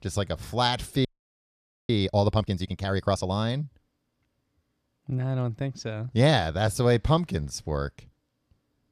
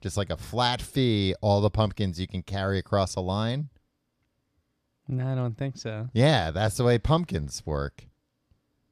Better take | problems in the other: second | audio freezing; at 1 s for 1 s

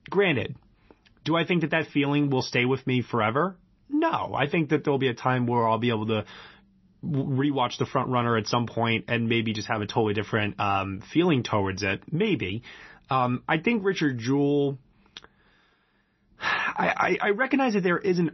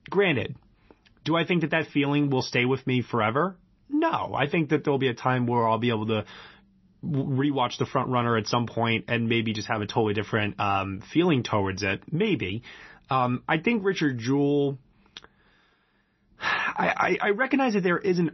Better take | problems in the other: neither | garbled, watery; slightly; nothing above 6 kHz; the same in both

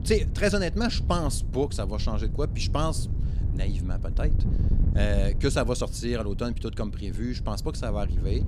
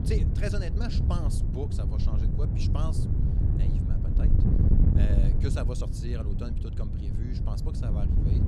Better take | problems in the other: first | wind noise on the microphone; heavy; as loud as the speech; occasional gusts in the first

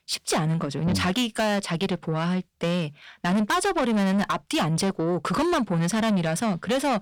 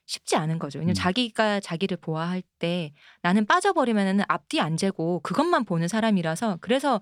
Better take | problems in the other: second | distortion; heavy; 8 dB below the speech

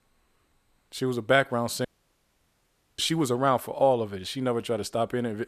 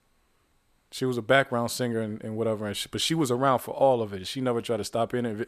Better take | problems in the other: second | audio cutting out; at 2 s for 1 s

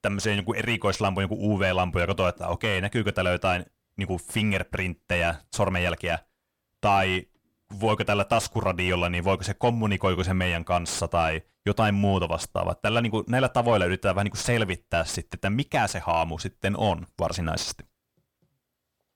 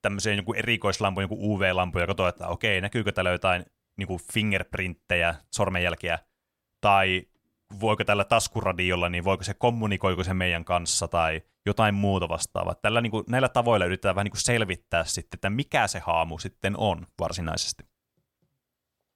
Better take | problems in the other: second | distortion; slight; 10 dB below the speech

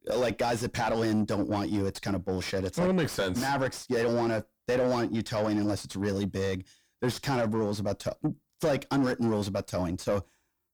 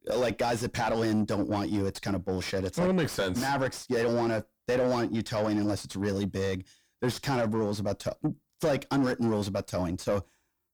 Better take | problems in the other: neither | distortion; heavy; 7 dB below the speech; the same in both

